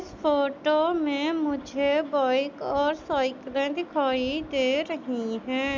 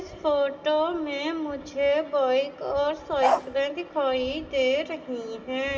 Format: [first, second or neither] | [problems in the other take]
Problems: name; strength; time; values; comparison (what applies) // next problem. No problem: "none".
first | background sound (Bark); 1 dB above the speech // room echo; dies away in 2.6 s